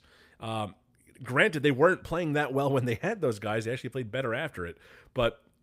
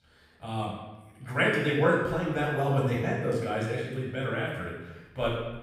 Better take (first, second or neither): first